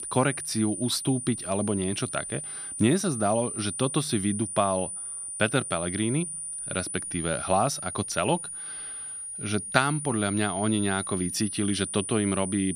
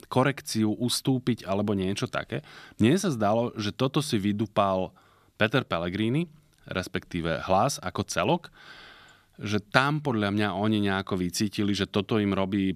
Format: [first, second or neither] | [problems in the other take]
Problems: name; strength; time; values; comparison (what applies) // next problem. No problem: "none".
second | high-pitched whine; loud; throughout; 9.5 kHz, 5 dB below the speech